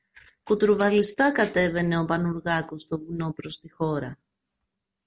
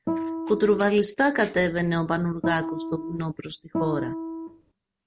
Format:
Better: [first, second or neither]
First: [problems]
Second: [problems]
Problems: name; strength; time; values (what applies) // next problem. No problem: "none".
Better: first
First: none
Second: background sound (Guitar); 5 dB below the speech